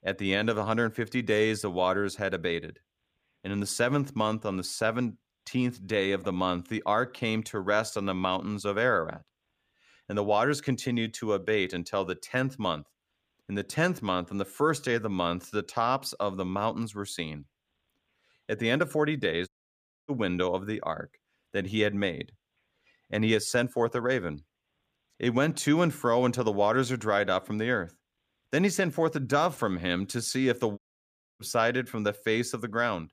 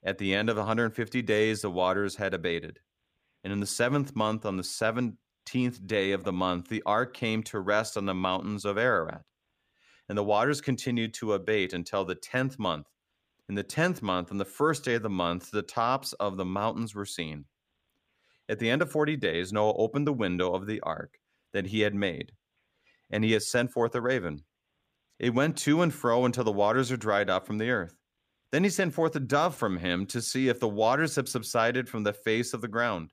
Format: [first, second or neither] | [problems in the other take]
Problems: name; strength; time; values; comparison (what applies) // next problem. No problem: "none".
second | audio cutting out; at 19 s for 0.5 s and at 31 s for 0.5 s